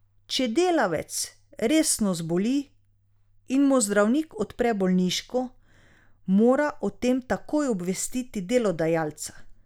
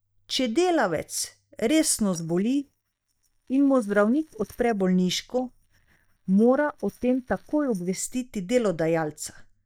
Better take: first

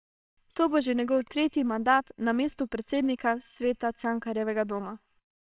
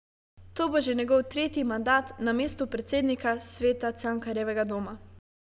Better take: second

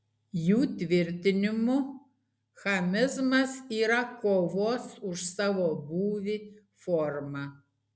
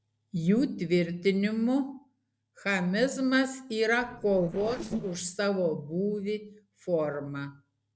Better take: first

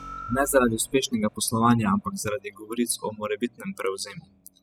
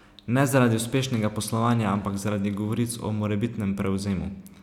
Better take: second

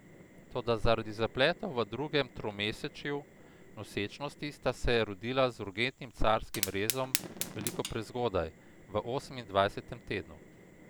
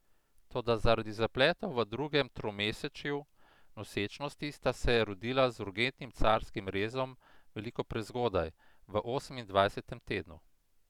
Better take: second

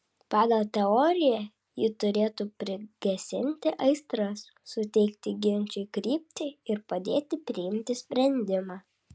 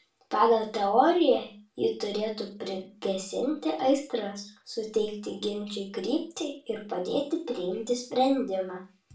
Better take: first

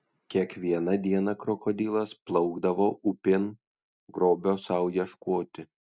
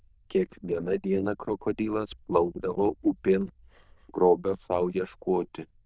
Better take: first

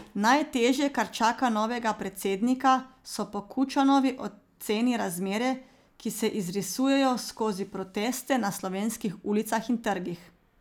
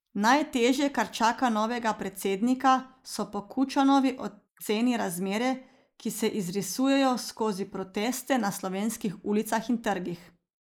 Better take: first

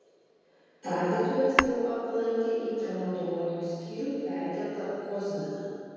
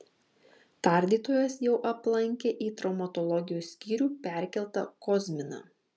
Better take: second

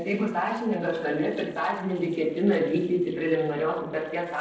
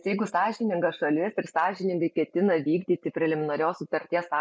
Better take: second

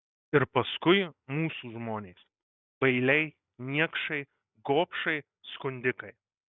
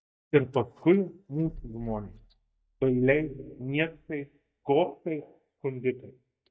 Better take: first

